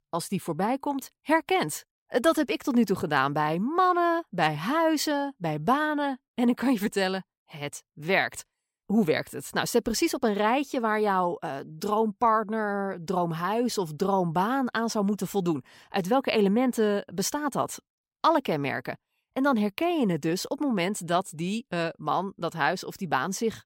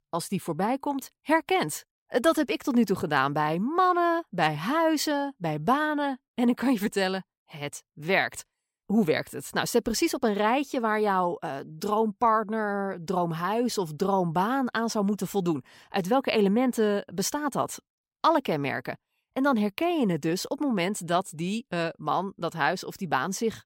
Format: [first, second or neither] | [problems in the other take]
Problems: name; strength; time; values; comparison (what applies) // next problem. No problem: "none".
neither | none